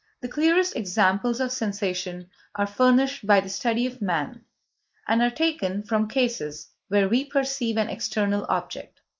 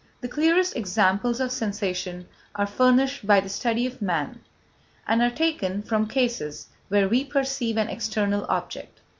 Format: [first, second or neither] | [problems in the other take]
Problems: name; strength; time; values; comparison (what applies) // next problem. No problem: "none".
second | noise reduction (neural mask model Resemble Enhance denoiser)